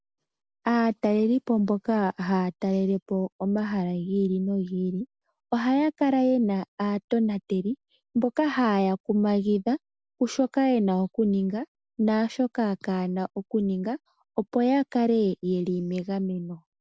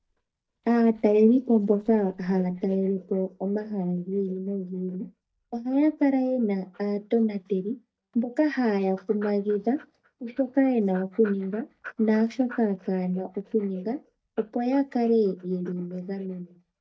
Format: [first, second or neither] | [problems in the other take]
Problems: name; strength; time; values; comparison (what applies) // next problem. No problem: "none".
first | noise reduction (neural mask model DeepFilterNet 3)